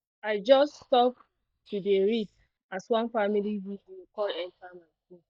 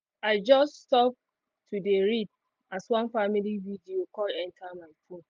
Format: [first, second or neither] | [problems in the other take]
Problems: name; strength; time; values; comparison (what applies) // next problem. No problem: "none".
second | noise reduction (neural mask model DeepFilterNet 3)